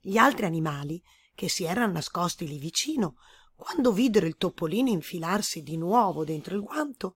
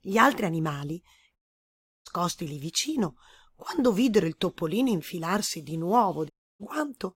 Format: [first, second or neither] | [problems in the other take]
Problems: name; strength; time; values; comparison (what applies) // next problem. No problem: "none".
first | audio cutting out; at 1.5 s for 0.5 s and at 6.5 s